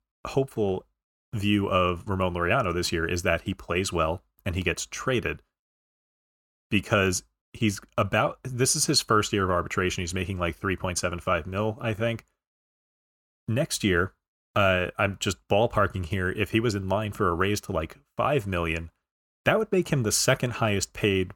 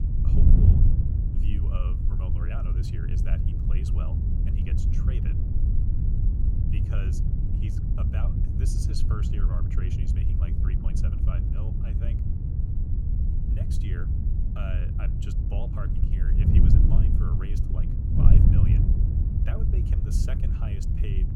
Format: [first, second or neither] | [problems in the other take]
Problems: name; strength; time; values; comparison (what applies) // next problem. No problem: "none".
first | wind noise on the microphone; heavy; 4 dB above the speech